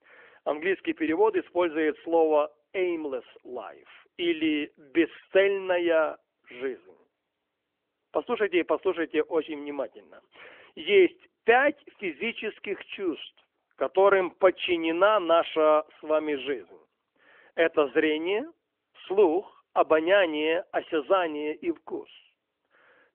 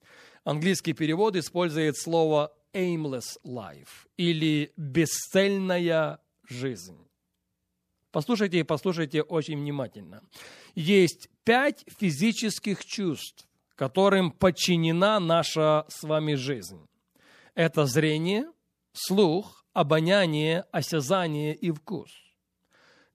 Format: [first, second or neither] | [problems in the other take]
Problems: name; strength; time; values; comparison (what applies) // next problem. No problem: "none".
second | phone-call audio; nothing above 3.5 kHz